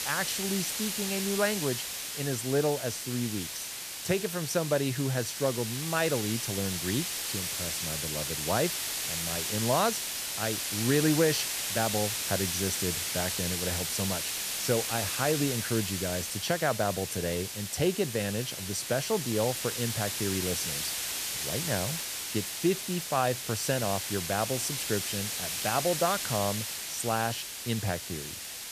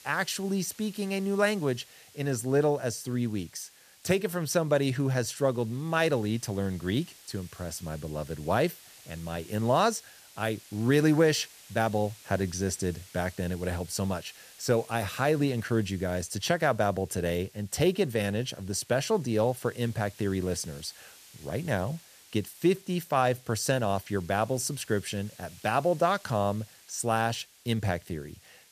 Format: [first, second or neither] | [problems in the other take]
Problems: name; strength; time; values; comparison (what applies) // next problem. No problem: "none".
second | hiss; loud; throughout; 1 dB below the speech; faint in the second